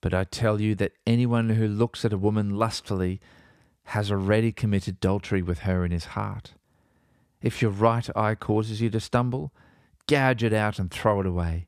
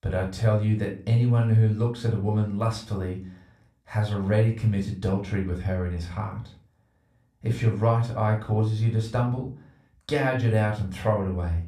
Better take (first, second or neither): first